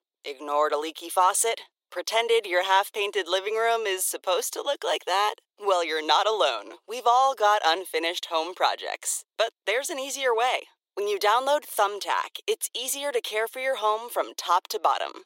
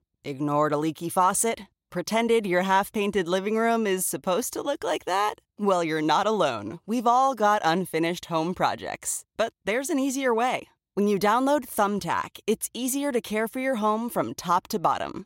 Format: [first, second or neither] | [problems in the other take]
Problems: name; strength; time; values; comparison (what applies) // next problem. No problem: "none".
second | thin; very; fading below 400 Hz